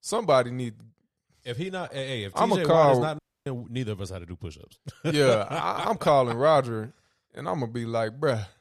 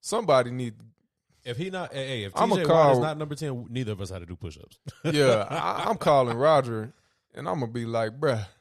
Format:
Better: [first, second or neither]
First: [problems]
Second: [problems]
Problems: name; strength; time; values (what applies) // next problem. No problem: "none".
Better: second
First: audio cutting out; at 3 s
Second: none